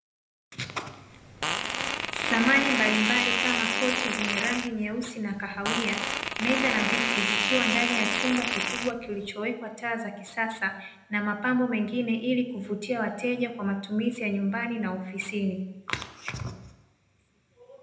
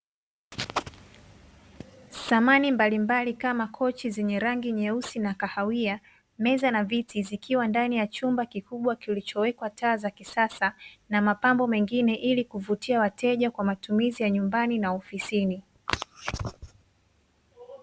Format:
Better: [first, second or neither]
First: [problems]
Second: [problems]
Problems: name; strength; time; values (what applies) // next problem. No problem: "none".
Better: second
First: background sound (Fart); 1 dB above the speech // room echo; dies away in 0.7 s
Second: none